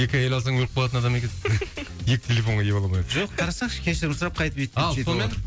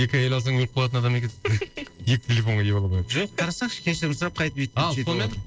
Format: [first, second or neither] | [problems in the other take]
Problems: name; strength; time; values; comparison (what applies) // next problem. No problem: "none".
first | noise reduction (neural separator model SepFormer DNS4)